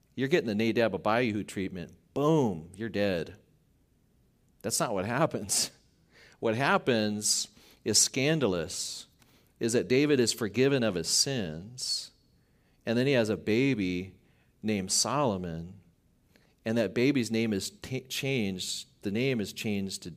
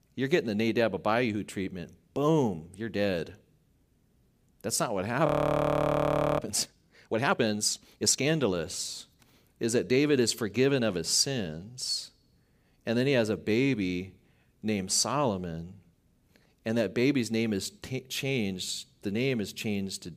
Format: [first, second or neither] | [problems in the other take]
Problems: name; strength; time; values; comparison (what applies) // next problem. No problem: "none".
first | audio freezing; at 5.5 s for 1 s